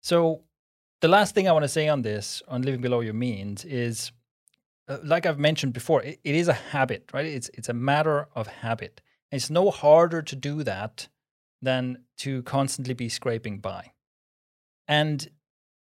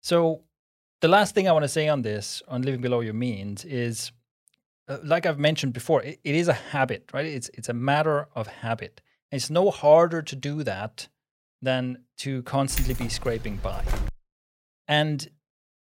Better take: first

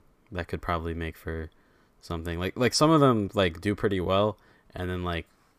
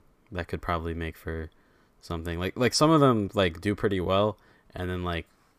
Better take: neither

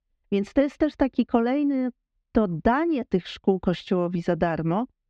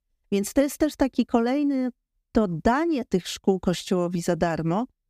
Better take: second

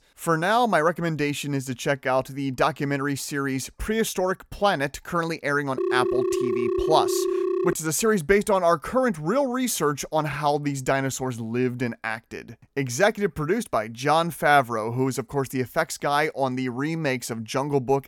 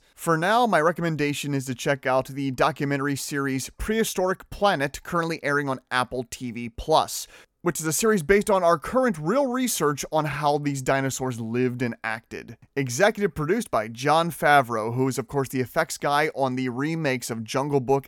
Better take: second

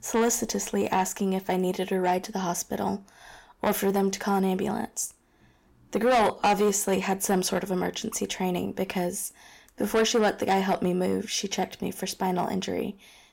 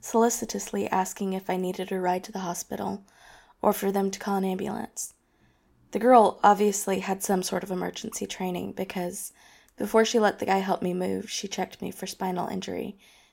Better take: second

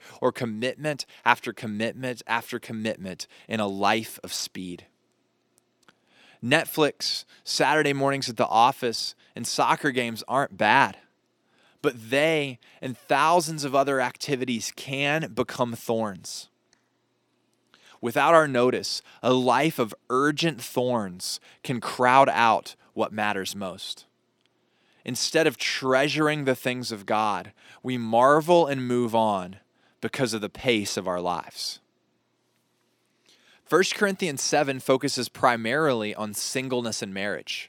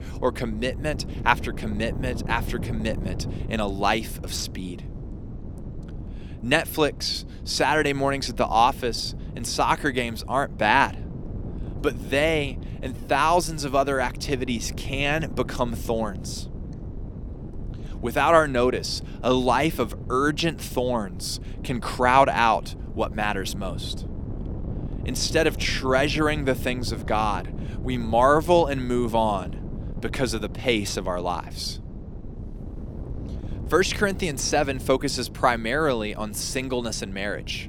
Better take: first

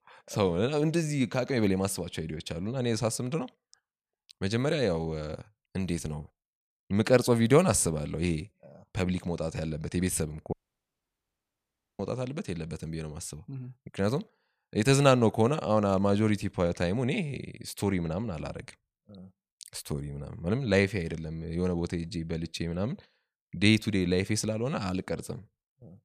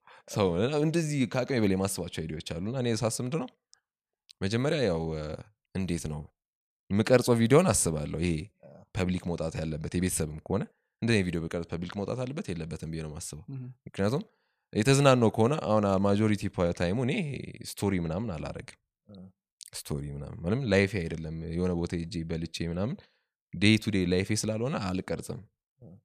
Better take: second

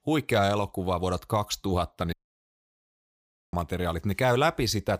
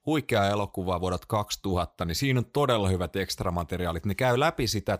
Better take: second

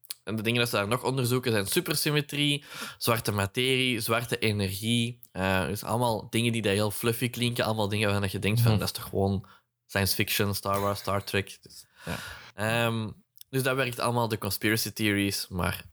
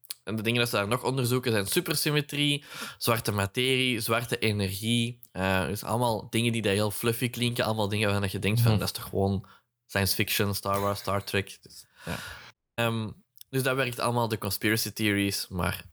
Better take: first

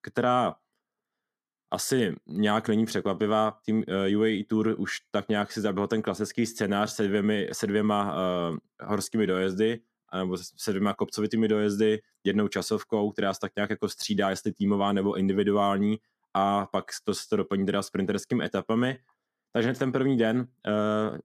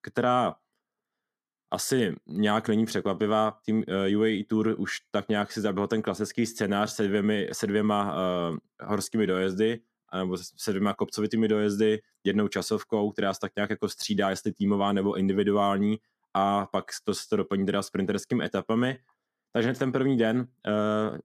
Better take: neither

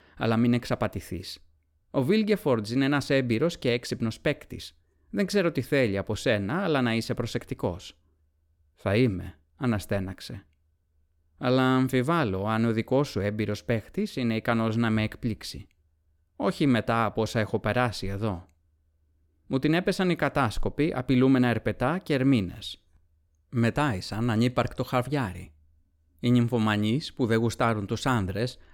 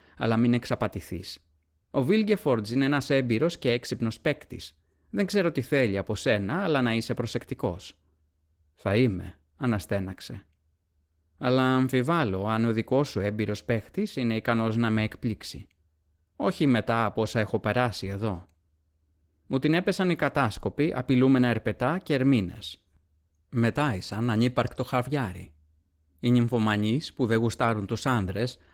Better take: first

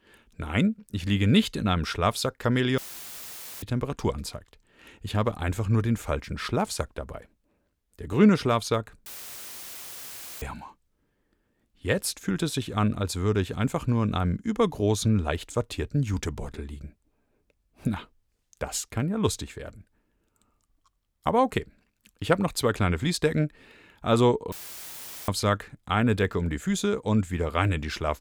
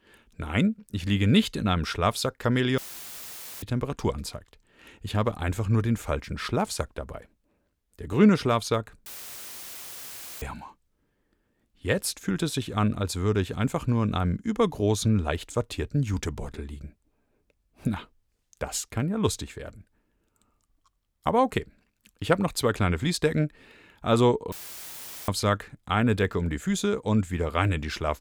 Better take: neither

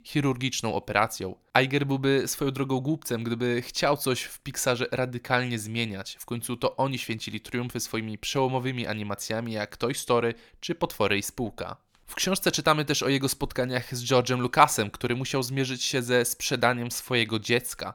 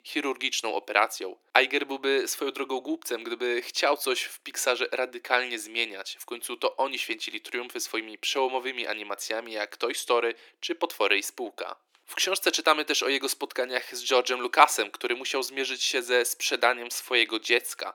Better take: first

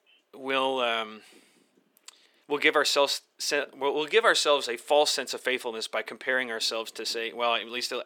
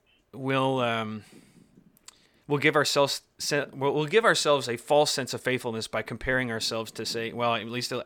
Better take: second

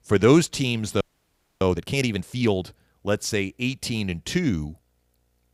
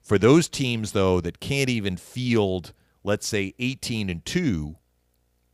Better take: second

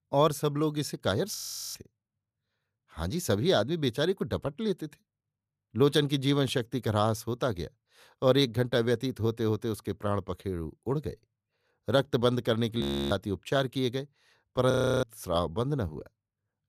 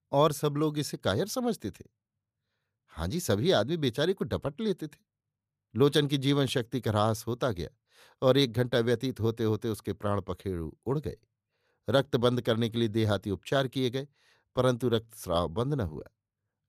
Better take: second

